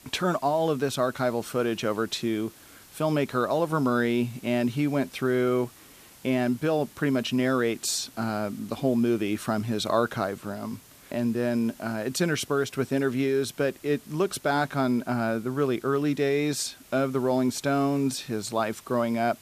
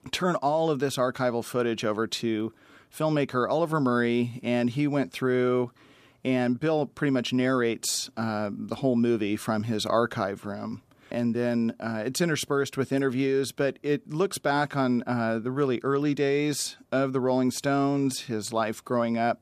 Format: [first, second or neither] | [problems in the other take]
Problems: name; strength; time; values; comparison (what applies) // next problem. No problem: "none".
second | hiss; faint; throughout; 25 dB below the speech